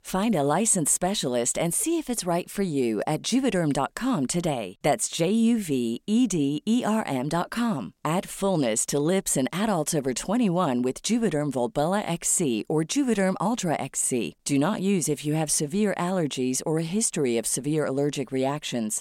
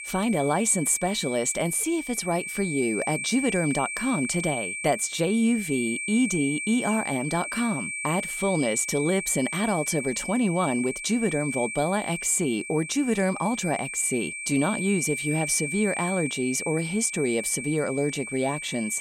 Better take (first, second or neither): first